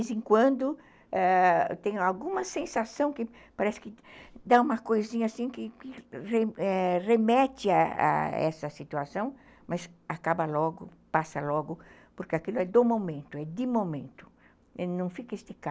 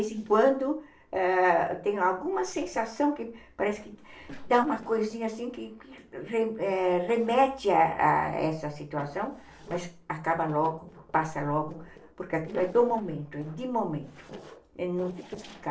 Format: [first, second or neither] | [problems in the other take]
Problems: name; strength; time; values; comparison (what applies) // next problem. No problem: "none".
first | noise reduction (neural separator model SepFormer DNS4)